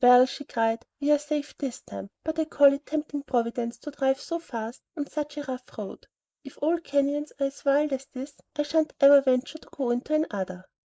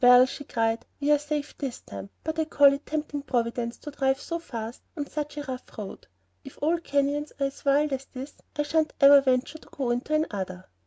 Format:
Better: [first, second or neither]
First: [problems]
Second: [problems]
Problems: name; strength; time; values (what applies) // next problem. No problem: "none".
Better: second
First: noise reduction (neural mask model Resemble Enhance denoiser)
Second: none